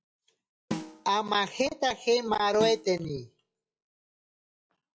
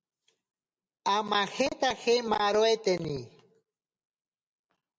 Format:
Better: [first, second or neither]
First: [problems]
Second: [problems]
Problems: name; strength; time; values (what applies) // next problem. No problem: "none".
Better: second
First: noise reduction (classical method log-MMSE)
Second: none